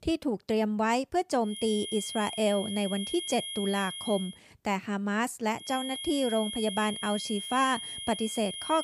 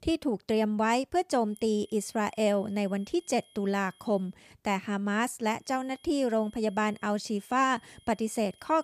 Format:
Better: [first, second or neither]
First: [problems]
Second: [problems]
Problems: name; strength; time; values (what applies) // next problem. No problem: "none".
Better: second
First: high-pitched whine; loud; from 1.5 to 4.5 s and from 5.5 s on; 3.5 kHz, 6 dB below the speech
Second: high-pitched whine; faint; from 1.5 to 4.5 s and from 5.5 s on; 3.5 kHz, 30 dB below the speech